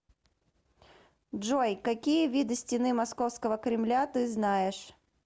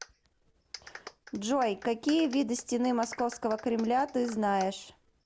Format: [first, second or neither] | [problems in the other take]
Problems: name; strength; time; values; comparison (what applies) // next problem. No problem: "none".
first | background sound (Clapping); 19 dB below the speech